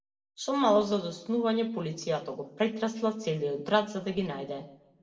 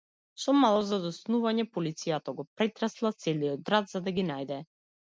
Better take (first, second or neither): second